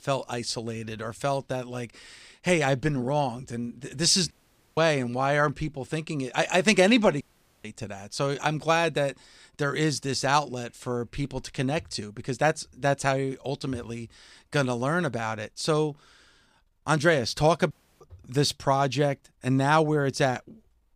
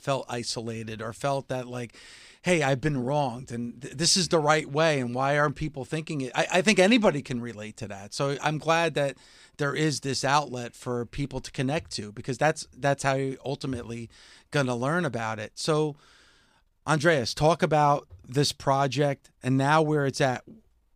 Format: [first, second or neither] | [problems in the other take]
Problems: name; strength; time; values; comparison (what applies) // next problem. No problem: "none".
second | audio cutting out; at 4.5 s, at 7 s and at 18 s